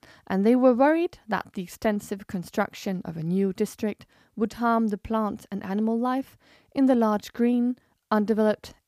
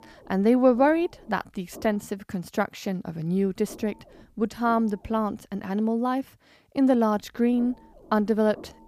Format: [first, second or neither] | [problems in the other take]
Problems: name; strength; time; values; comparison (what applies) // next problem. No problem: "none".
first | low rumble; faint; until 2 s, from 3.5 to 5.5 s and from 7 s on; 25 dB below the speech